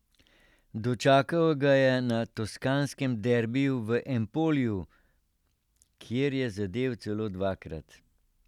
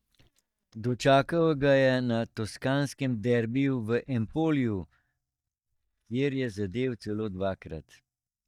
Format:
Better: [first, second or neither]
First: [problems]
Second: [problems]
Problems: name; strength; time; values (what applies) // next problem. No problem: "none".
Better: first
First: none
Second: noise reduction (neural mask model DeepFilterNet 3)